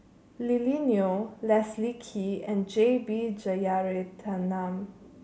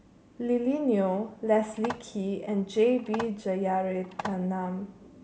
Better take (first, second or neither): first